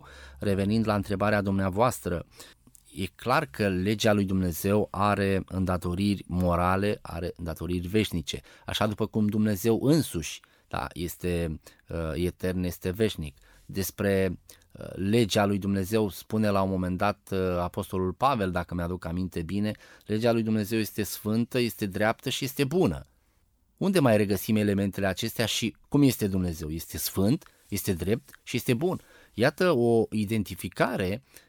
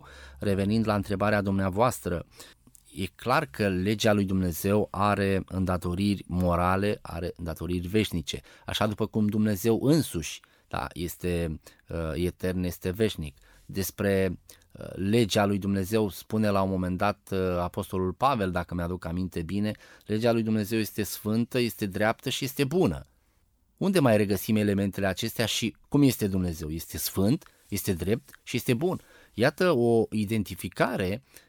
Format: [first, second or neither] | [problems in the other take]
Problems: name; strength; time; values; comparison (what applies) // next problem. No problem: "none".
neither | none